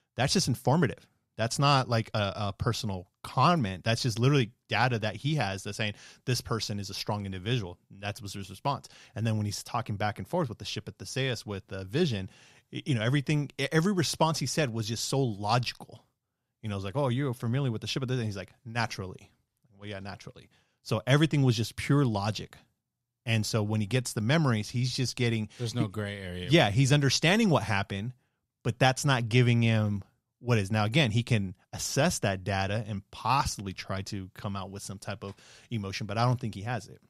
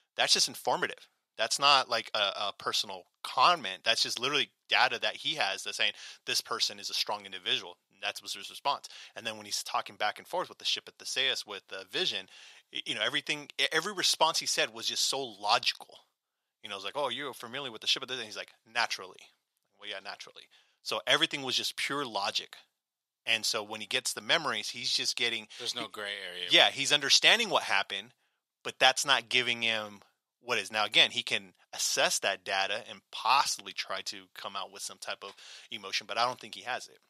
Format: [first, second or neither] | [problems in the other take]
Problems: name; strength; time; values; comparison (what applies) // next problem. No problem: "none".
first | thin; very; fading below 650 Hz